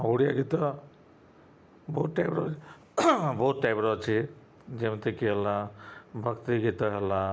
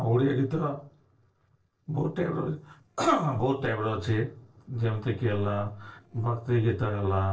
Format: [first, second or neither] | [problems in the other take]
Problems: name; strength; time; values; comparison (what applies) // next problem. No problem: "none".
first | noise reduction (neural separator model SepFormer DNS4)